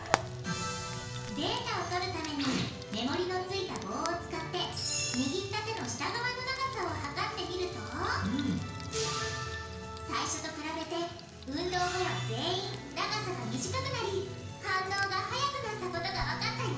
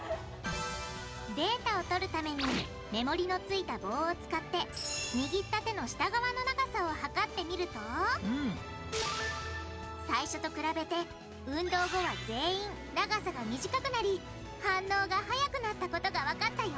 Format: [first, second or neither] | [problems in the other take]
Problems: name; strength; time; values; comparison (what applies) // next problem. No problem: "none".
second | background sound (Frying (food)); 13 dB below the speech // room echo; dies away in 0.5 s